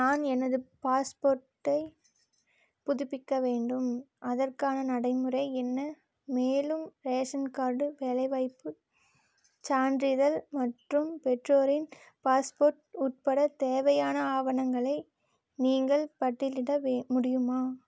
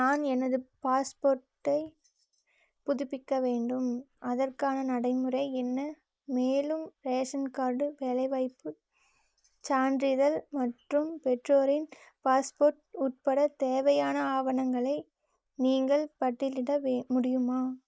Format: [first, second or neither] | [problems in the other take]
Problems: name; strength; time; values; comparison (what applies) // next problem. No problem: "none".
first | noise reduction (neural mask model Resemble Enhance denoiser)